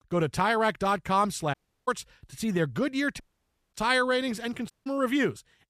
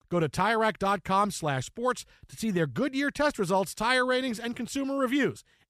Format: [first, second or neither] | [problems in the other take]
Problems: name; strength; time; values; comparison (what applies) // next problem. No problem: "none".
second | audio cutting out; at 1.5 s, at 3 s for 0.5 s and at 4.5 s